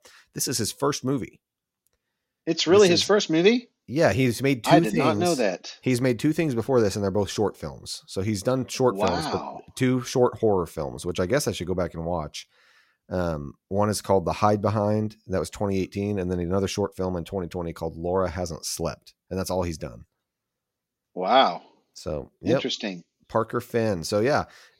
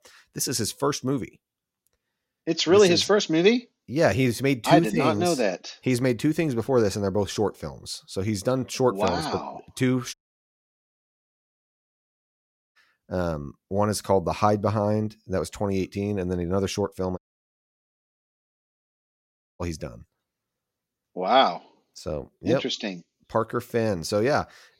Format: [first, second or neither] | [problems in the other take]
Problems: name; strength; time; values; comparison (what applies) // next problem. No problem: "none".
first | audio cutting out; at 10 s for 2.5 s and at 17 s for 2.5 s